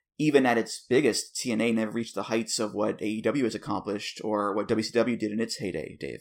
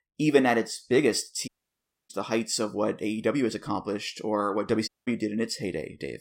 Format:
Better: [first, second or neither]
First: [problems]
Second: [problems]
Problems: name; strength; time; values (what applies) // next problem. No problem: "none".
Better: first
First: none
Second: audio cutting out; at 1.5 s for 0.5 s and at 5 s